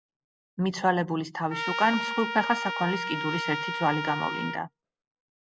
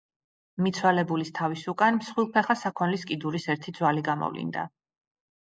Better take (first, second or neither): second